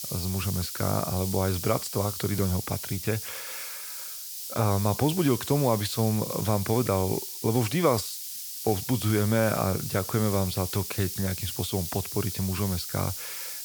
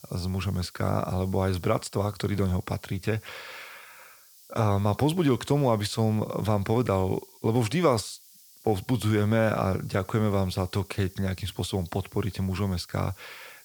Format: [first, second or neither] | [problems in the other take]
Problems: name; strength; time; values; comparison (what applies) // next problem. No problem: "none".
second | hiss; loud; throughout; 6 dB below the speech; faint in the second